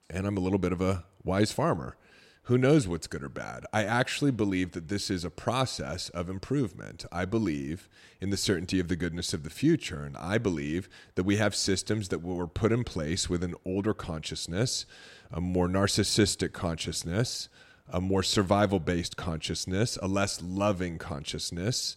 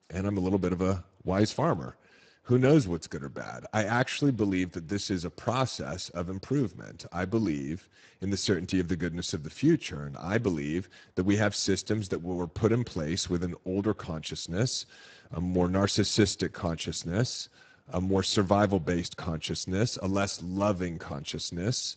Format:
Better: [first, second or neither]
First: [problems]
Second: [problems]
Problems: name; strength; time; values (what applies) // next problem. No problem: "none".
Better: first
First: none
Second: garbled, watery; badly; nothing above 8 kHz